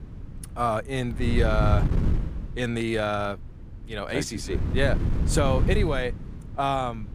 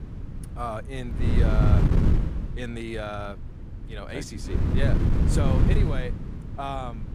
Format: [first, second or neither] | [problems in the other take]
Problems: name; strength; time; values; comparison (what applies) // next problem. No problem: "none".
first | wind noise on the microphone; heavy; as loud as the speech; occasional gusts in the first